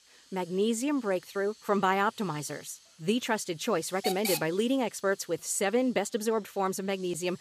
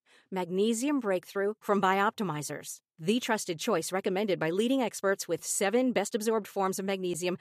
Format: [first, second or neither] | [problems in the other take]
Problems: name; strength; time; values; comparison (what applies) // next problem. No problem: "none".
second | hiss; loud; throughout; 8 dB below the speech